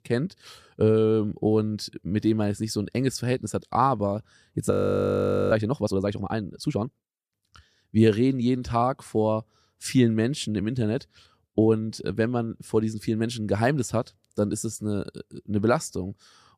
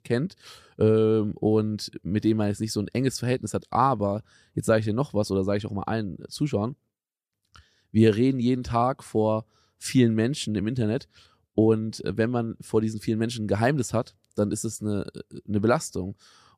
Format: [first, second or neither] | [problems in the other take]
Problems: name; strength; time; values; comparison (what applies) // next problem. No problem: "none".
second | audio freezing; at 4.5 s for 1 s